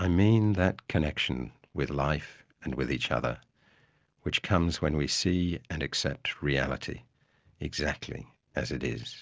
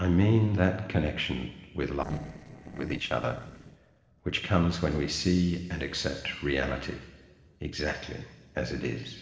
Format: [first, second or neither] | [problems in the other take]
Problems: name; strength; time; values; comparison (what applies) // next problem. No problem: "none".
first | noise reduction (neural separator model SepFormer DNS4)